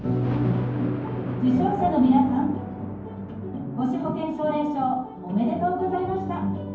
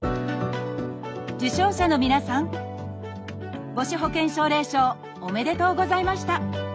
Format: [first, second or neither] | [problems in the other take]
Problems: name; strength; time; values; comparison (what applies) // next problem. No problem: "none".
second | background sound (Thunder); 13 dB below the speech // room echo; dies away in 0.9 s